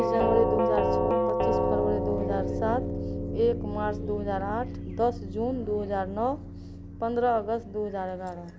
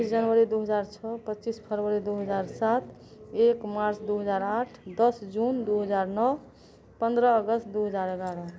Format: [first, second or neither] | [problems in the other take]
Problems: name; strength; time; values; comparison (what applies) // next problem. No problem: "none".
second | background sound (Doorbell); as loud as the speech